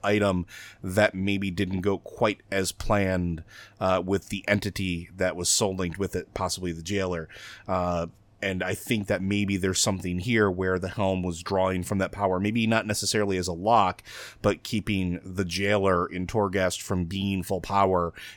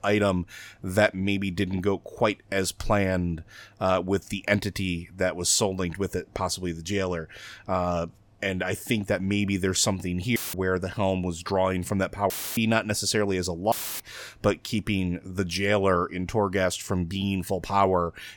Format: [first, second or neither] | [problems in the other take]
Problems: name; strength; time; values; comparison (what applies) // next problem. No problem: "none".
first | audio cutting out; filled with static; at 10 s, at 12 s and at 14 s